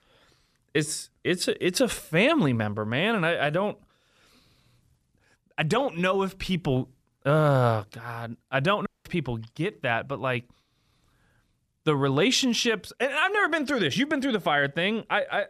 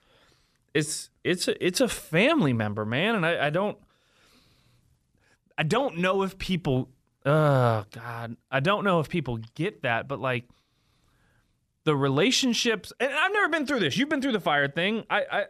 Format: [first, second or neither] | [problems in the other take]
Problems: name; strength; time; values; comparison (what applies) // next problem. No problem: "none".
second | audio cutting out; at 9 s